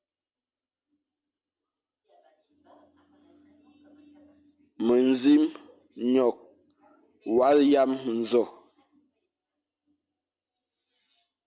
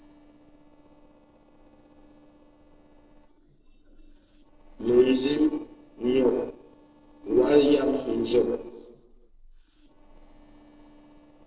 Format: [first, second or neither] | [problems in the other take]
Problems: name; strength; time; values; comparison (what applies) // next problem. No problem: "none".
first | noise reduction (neural separator model SepFormer DNS4)